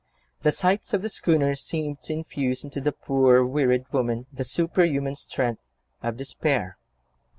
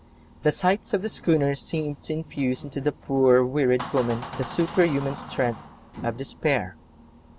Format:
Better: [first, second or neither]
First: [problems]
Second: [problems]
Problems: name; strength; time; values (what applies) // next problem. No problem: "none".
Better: first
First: none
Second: background sound (Door); 15 dB below the speech